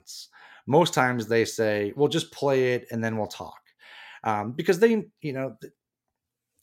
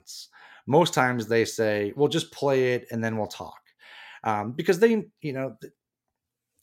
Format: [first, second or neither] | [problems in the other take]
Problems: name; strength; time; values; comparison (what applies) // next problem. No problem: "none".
neither | none